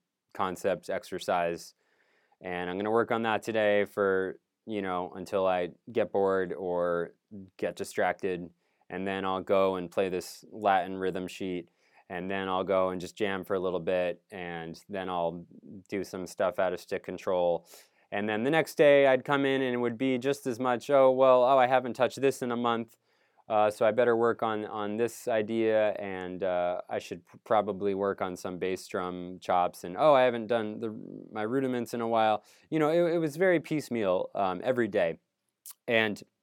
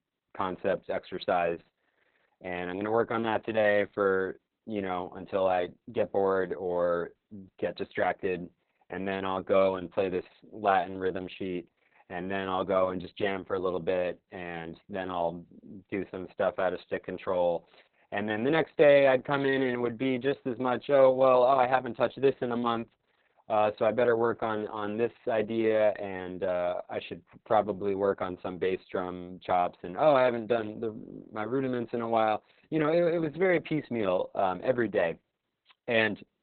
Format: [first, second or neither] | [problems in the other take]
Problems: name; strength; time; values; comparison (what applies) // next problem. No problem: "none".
first | garbled, watery; badly; nothing above 4 kHz